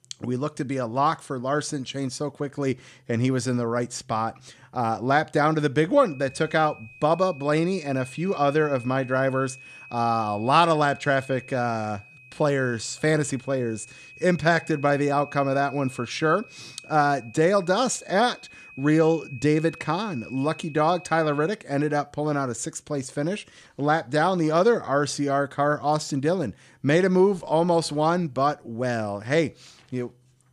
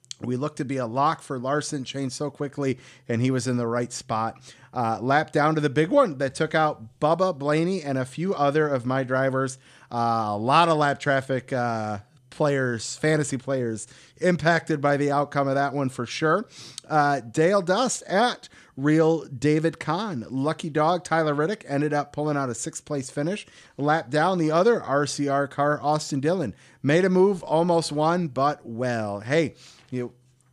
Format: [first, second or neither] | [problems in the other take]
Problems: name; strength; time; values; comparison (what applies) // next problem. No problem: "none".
second | high-pitched whine; noticeable; from 6 to 22 s; 2.5 kHz, 20 dB below the speech